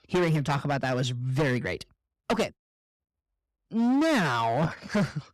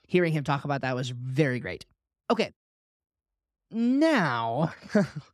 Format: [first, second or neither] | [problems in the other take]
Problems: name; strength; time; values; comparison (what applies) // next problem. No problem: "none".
second | distortion; heavy; 12% of the sound clipped